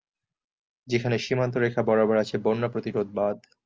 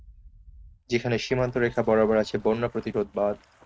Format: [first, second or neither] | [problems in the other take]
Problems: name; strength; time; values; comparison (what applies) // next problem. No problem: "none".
first | noise reduction (neural mask model RNNoise)